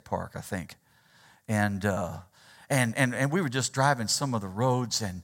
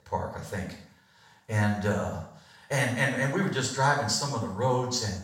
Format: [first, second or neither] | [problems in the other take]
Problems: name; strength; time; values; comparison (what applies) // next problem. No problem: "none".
first | room echo; noticeable; dies away in 0.6 s // off-mic speech; far